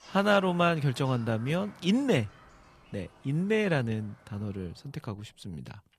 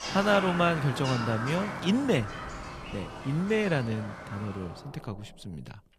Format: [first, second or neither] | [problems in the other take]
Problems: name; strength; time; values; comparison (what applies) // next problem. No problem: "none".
first | animal sounds; loud; throughout; 8 dB below the speech; faint in the first